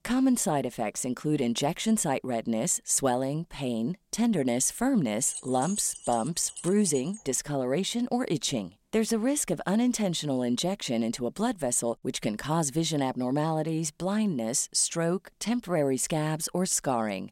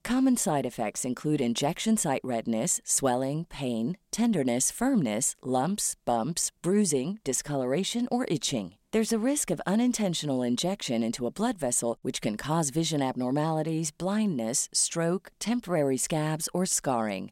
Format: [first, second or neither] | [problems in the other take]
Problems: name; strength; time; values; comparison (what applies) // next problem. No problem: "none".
second | jangling keys; noticeable; from 5.5 to 7 s; peak 7 dB below the speech